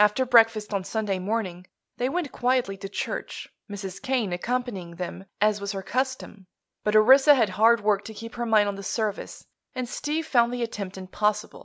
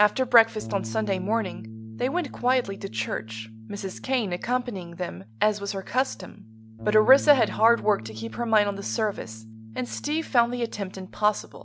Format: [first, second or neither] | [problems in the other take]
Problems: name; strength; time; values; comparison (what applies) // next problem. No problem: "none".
first | background sound (Bass guitar); 14 dB below the speech